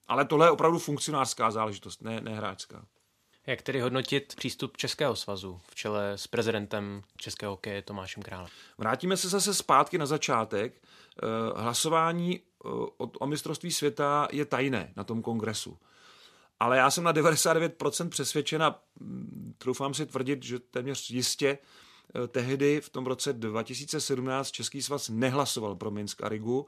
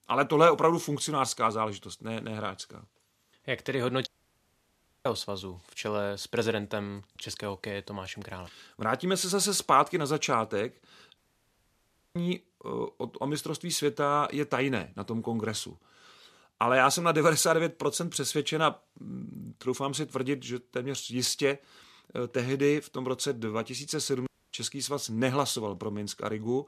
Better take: first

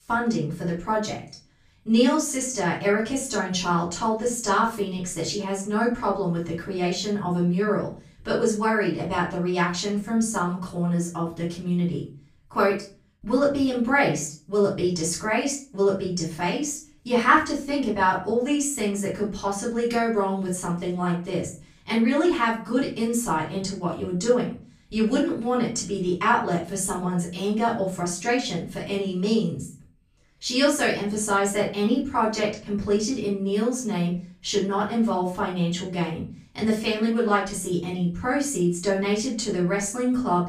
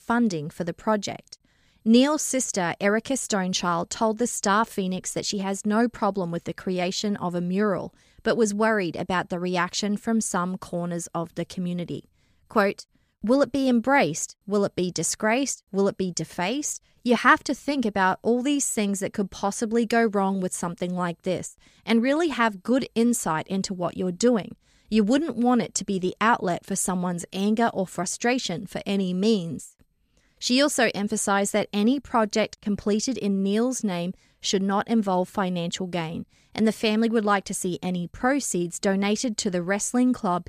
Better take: second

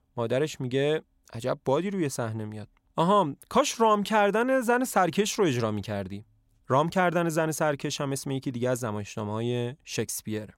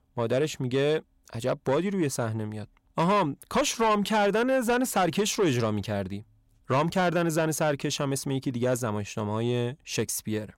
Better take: first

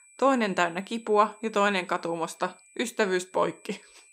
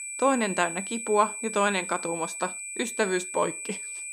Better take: first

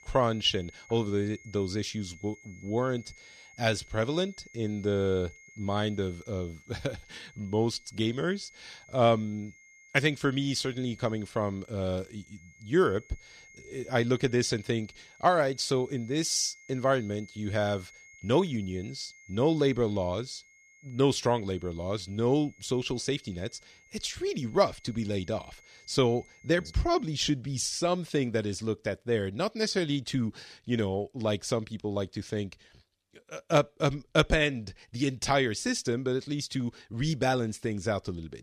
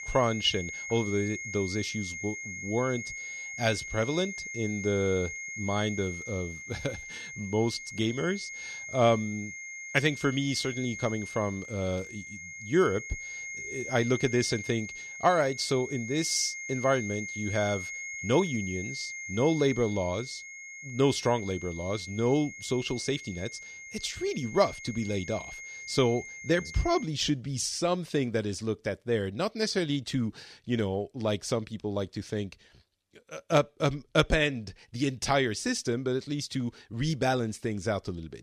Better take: first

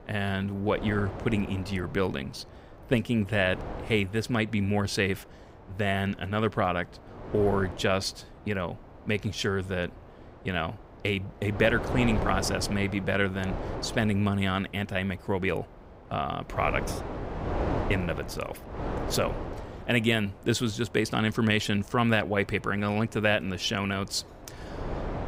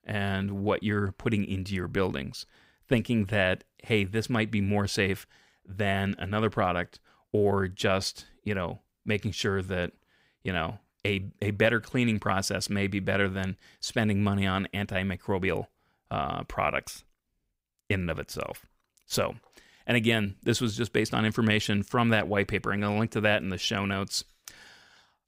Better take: second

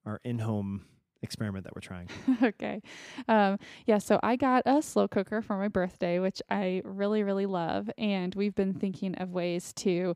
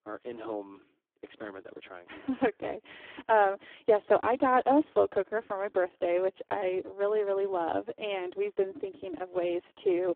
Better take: first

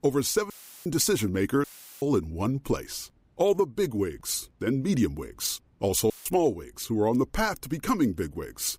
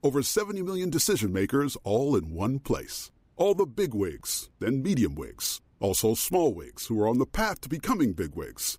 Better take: second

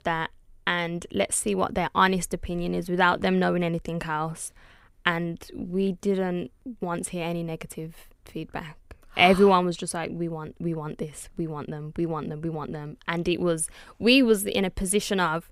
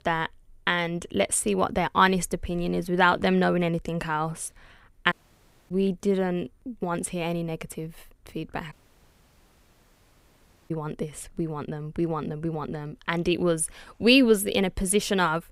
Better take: first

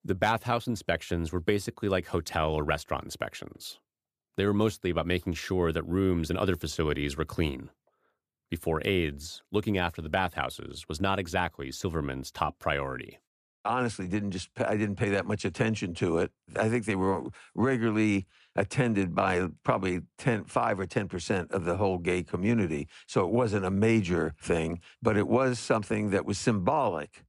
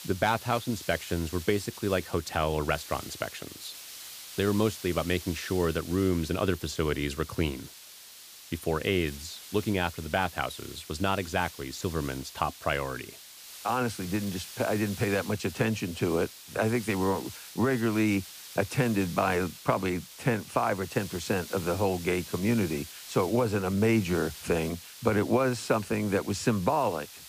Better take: first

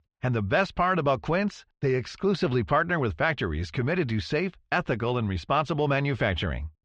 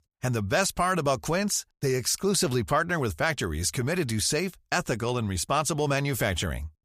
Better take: second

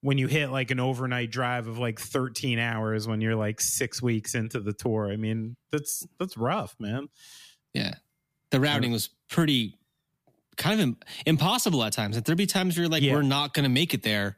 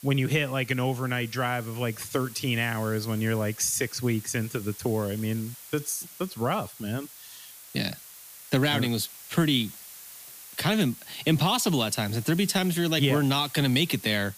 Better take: first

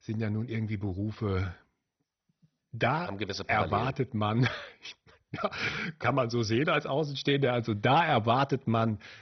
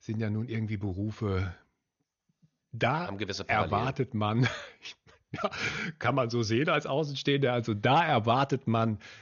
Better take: second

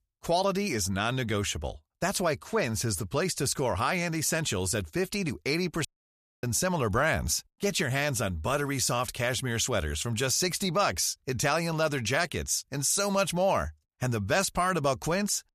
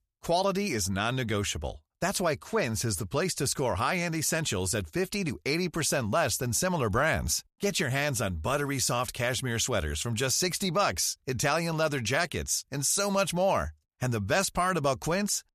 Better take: second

